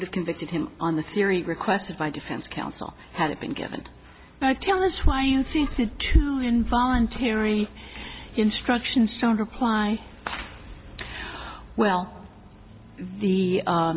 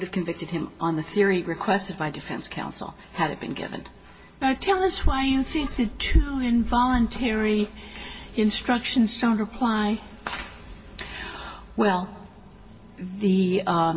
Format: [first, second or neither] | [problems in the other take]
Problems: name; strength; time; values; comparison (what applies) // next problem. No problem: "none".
first | room echo; dies away in 1.9 s